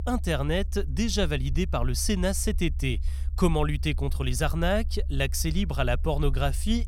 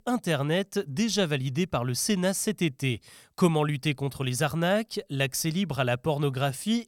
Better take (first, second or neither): second